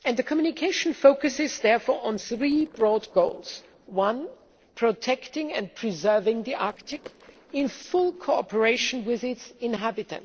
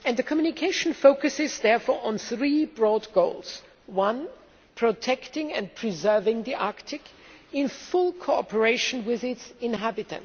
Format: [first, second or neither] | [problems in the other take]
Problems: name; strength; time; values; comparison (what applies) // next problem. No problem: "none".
second | noise reduction (neural separator model SepFormer DNS4)